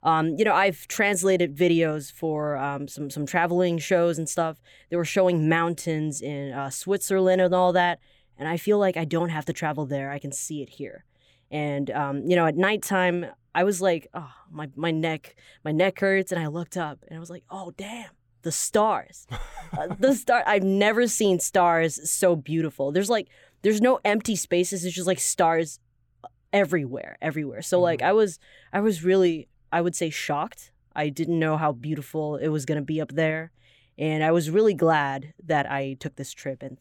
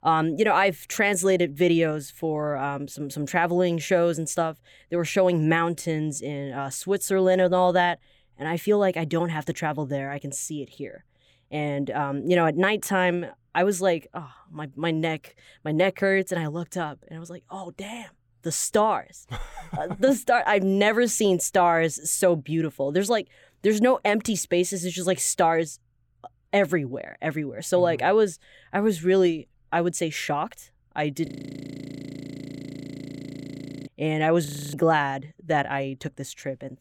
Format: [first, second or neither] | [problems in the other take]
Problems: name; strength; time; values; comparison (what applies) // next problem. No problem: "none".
first | audio freezing; at 31 s for 2.5 s and at 34 s